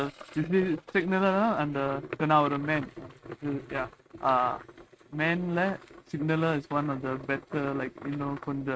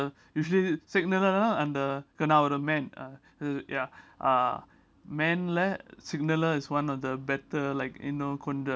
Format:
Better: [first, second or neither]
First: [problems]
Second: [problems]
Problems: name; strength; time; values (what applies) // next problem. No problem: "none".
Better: second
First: noise reduction (neural mask model RNNoise)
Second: none